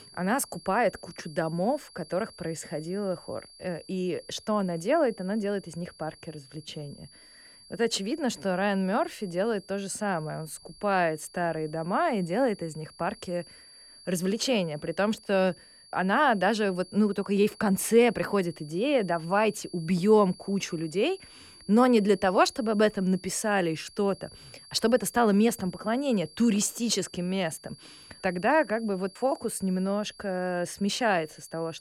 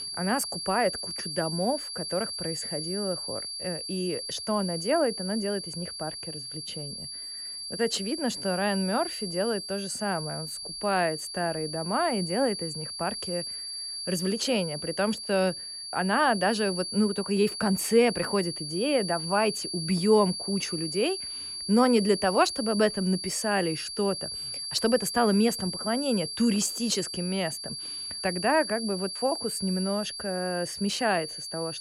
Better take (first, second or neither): first